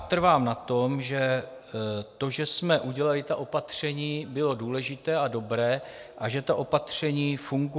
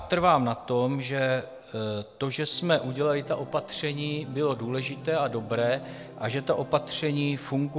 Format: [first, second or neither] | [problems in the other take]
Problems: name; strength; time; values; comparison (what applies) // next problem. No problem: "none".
first | background sound (Organ); 17 dB below the speech